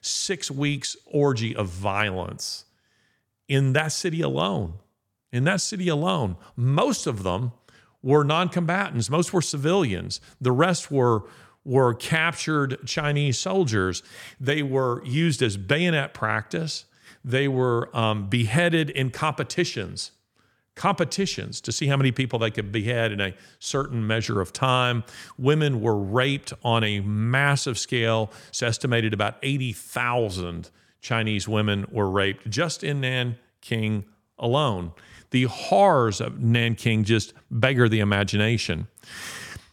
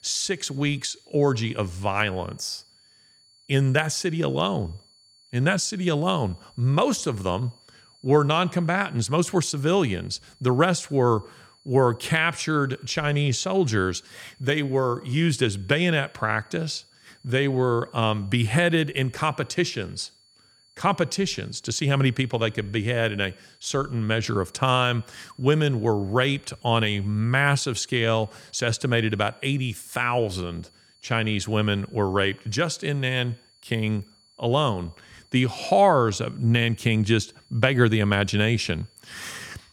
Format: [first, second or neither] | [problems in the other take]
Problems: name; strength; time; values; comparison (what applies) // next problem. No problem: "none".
first | high-pitched whine; faint; throughout; 4.5 kHz, 30 dB below the speech